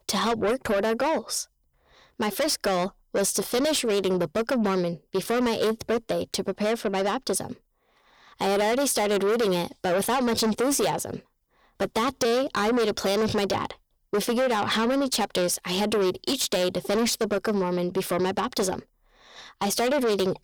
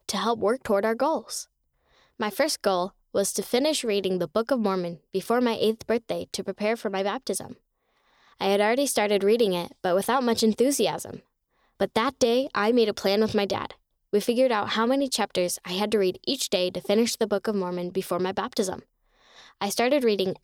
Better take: second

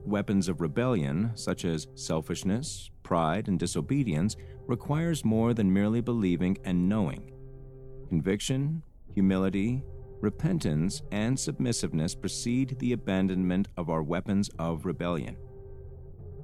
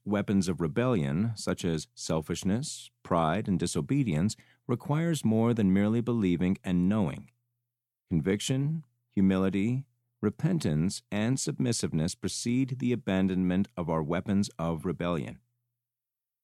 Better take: second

